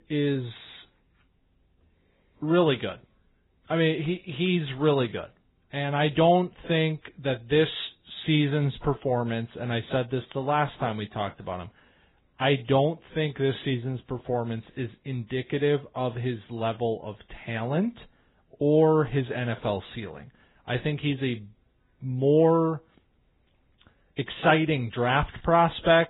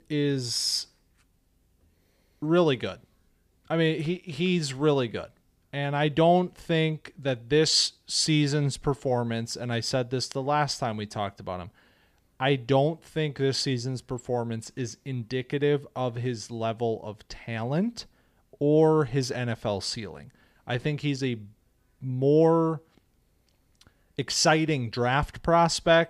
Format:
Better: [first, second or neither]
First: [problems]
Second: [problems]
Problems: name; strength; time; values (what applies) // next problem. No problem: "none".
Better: second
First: garbled, watery; badly; nothing above 4 kHz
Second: none